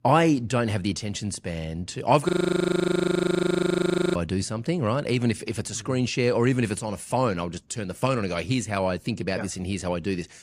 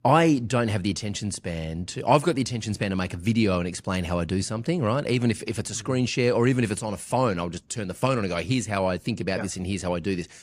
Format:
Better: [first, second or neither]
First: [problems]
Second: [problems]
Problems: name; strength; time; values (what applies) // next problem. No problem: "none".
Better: second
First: audio freezing; at 2.5 s for 2 s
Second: none